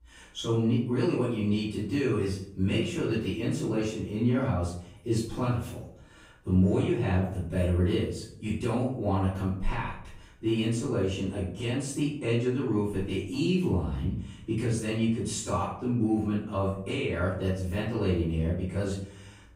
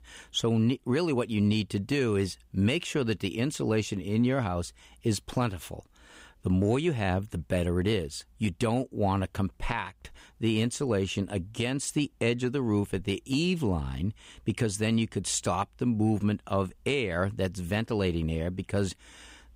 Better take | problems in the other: second | off-mic speech; far // room echo; noticeable; dies away in 0.5 s

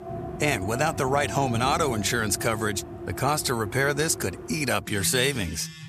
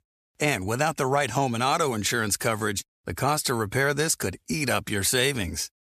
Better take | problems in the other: second | alarms or sirens; noticeable; throughout; 10 dB below the speech

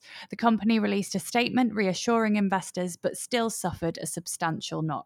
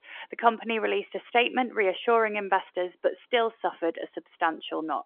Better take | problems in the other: first | phone-call audio; nothing above 3.5 kHz

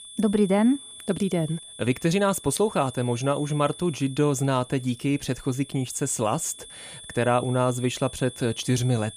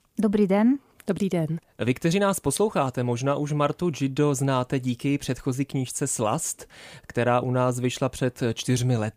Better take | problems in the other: second | high-pitched whine; noticeable; throughout; 3.5 kHz, 15 dB below the speech

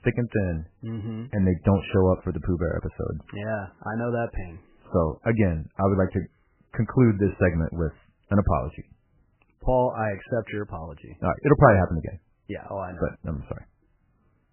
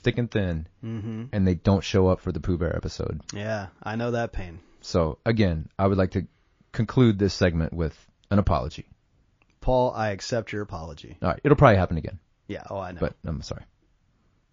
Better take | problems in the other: second | garbled, watery; badly; nothing above 3 kHz; slightly in the second

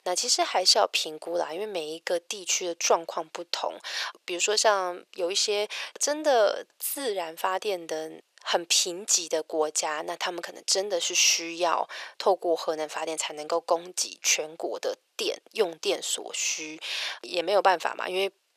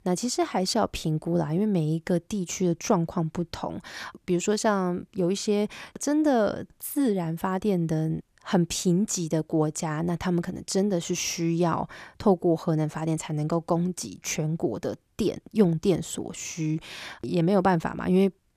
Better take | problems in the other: second | thin; very; fading below 500 Hz

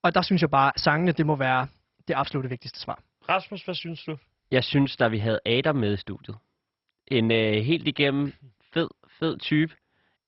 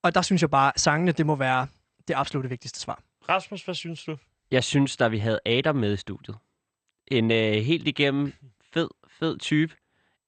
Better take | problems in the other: second | garbled, watery; badly; nothing above 5.5 kHz; slightly in the second

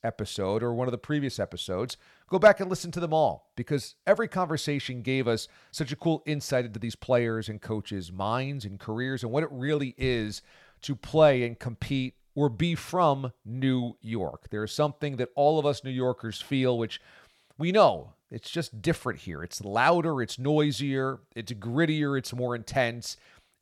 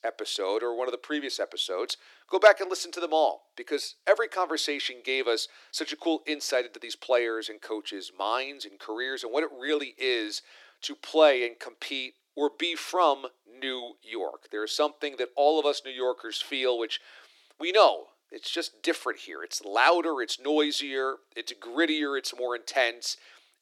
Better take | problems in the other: first | thin; somewhat; fading below 300 Hz

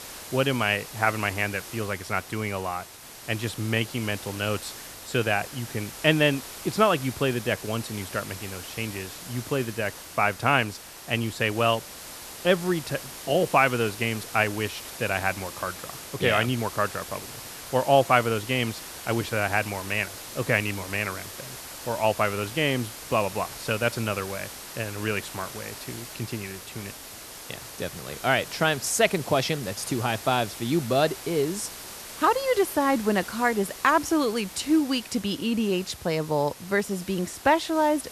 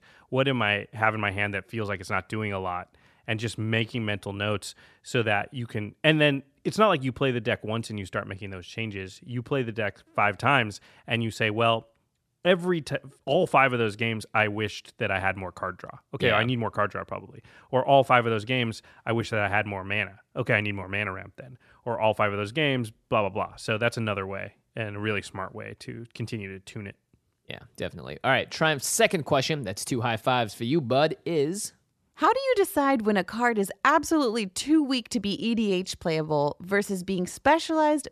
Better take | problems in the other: second | hiss; noticeable; throughout; 10 dB below the speech

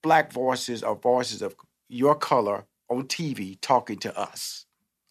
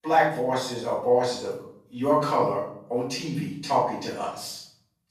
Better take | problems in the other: first | off-mic speech; far // room echo; noticeable; dies away in 0.6 s

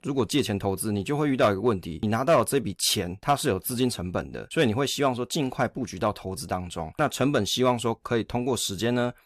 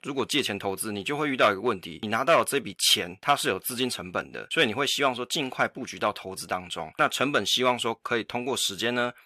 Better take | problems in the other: first | thin; very slightly; fading below 750 Hz

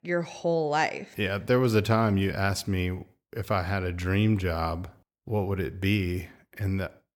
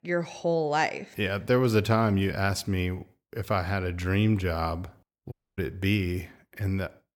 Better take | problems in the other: first | audio cutting out; at 5.5 s

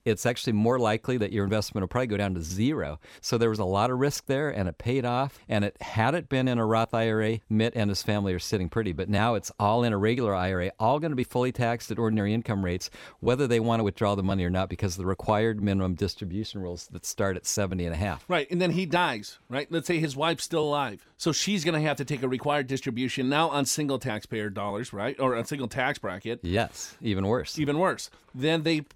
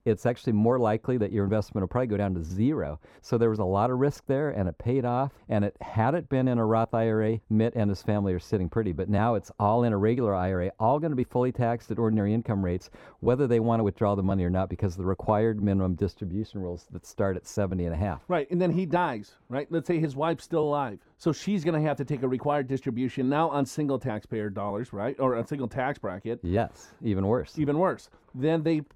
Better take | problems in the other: first | muffled; slightly; fading above 2 kHz

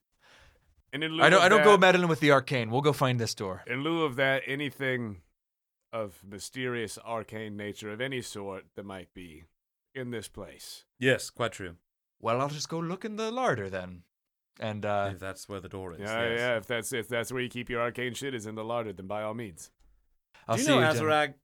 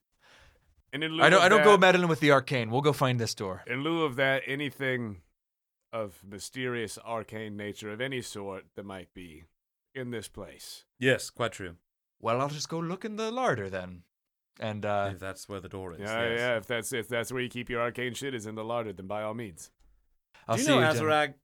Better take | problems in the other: neither | none

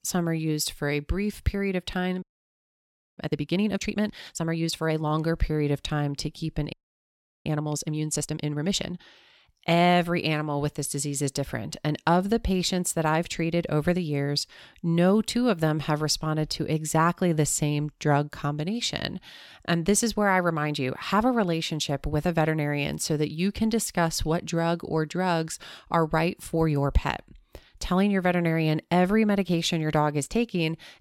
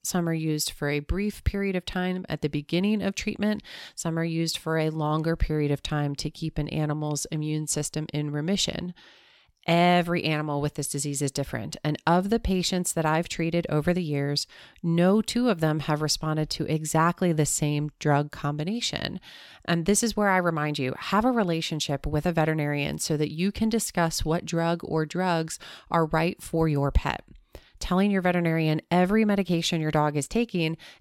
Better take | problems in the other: second | audio freezing; at 2 s for 1 s and at 6.5 s for 0.5 s

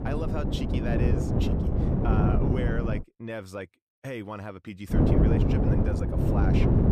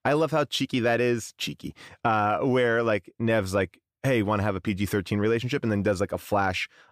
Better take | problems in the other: second | wind noise on the microphone; heavy; until 3 s and from 5 s on; 4 dB above the speech

